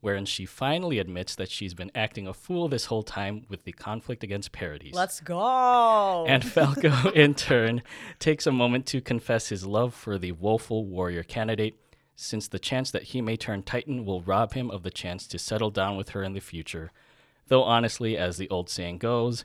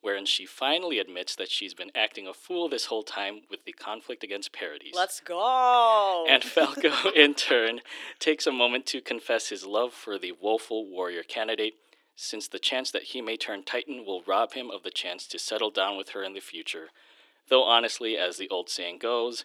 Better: first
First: none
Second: thin; somewhat; fading below 300 Hz

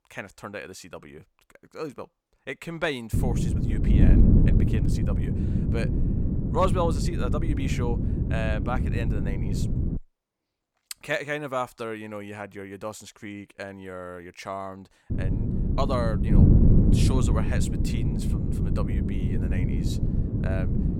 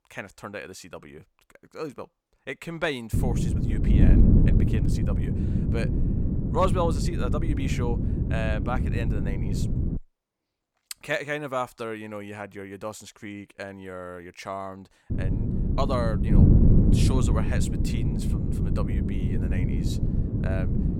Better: neither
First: wind noise on the microphone; heavy; from 3 to 10 s and from 15 s on; 1 dB below the speech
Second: wind noise on the microphone; heavy; from 3 to 10 s and from 15 s on; 1 dB below the speech

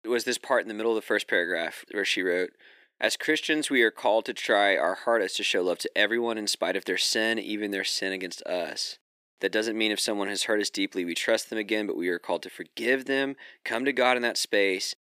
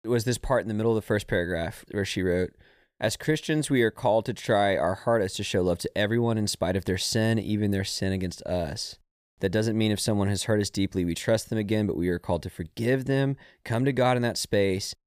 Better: second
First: thin; somewhat; fading below 300 Hz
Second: none

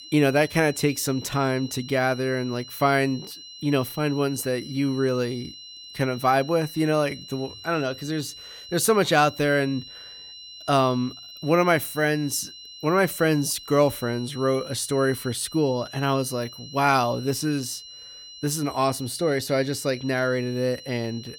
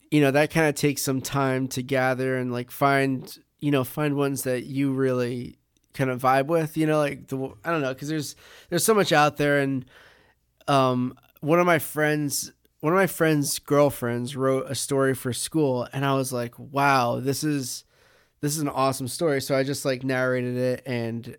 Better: second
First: high-pitched whine; noticeable; throughout; 4 kHz, 15 dB below the speech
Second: none

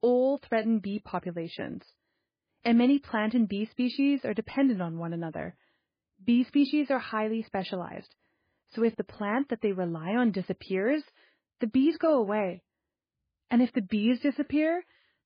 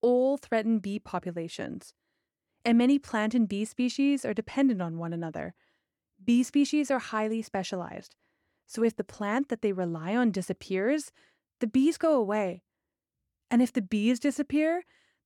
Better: second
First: garbled, watery; badly; nothing above 4 kHz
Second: none

